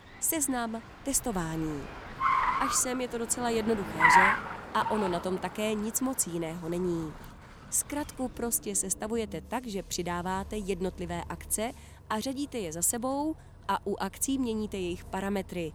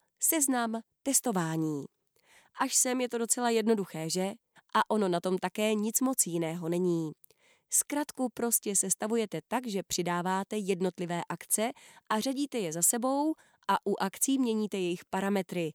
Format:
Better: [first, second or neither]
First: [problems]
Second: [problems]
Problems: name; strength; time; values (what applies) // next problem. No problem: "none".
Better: second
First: traffic noise; very loud; throughout; 4 dB above the speech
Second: none